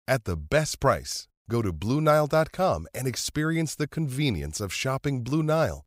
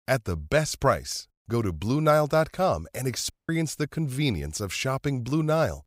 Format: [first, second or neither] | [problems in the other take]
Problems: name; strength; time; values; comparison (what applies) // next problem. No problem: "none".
first | audio cutting out; at 3.5 s